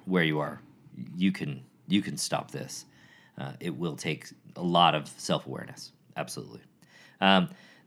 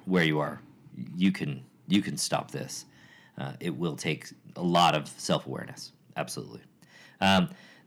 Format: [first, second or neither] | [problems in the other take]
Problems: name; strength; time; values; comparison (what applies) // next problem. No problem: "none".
first | distortion; slight; 0.7% of the sound clipped